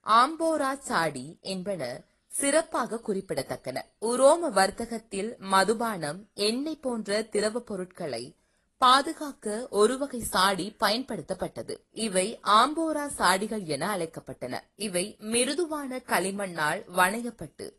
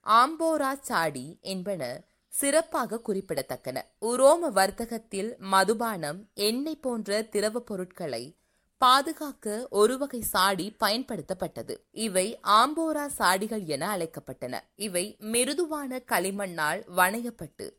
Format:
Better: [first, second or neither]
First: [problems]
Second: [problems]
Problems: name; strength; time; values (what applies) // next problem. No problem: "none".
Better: second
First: garbled, watery; slightly; nothing above 11.5 kHz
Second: none